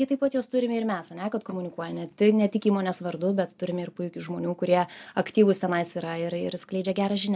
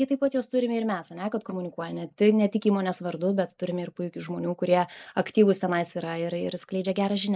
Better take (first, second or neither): first